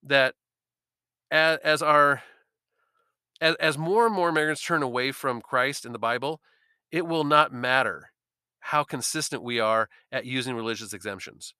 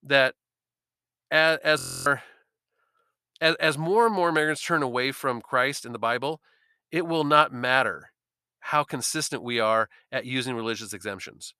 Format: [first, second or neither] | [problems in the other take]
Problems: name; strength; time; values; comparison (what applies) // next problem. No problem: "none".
first | audio freezing; at 2 s